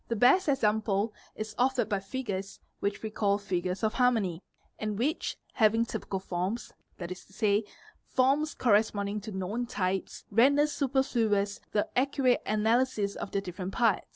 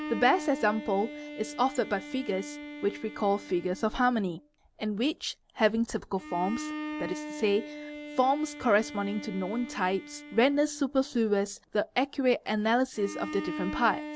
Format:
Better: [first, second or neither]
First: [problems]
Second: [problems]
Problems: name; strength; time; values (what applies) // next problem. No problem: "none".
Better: first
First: none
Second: background sound (Bowed string instrument); 12 dB below the speech